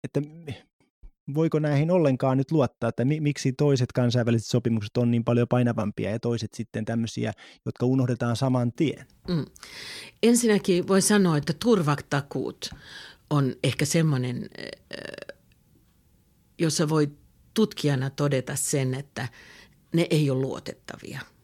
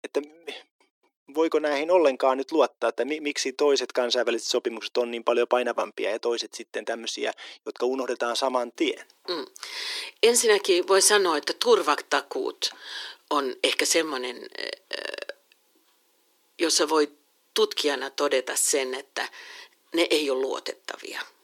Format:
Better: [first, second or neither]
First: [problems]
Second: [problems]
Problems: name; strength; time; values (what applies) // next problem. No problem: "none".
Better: first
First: none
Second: thin; very; fading below 350 Hz